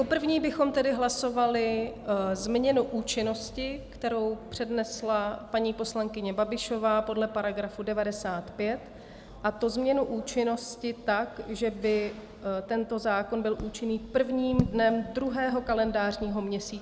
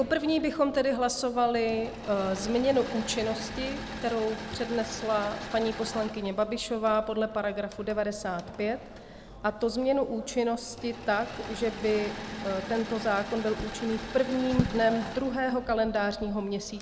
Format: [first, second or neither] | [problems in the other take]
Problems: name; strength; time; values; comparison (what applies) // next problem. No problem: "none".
first | background sound (Engine / Mechanisms); 13 dB below the speech